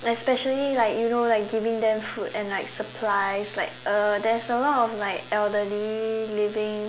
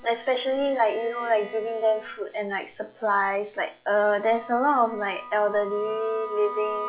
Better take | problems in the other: first | noise reduction (classical method log-MMSE)

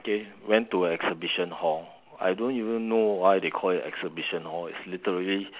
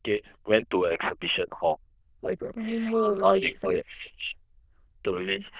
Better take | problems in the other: first | noise reduction (neural diffusion model UNIVERSE++)

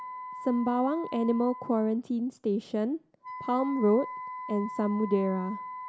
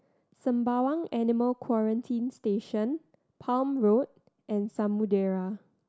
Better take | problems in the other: second | background sound (Wind instrument, woodwind instrument); 12 dB below the speech

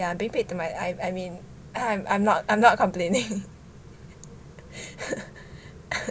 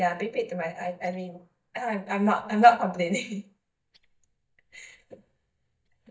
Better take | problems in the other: first | noise reduction (neural mask model DeepFilterNet 3)

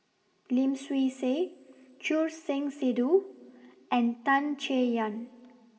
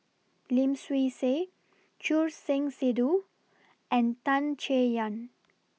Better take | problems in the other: second | room echo; dies away in 2 s

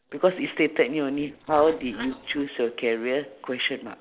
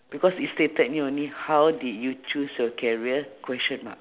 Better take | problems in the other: second | noise reduction (neural separator model SepFormer DNS4)

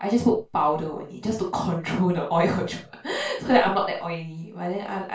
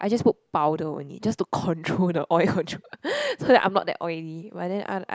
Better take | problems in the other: second | room echo; dies away in 0.2 s

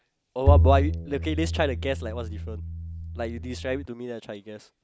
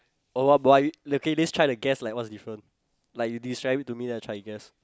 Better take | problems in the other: second | background sound (Bowed string instrument); 4 dB above the speech

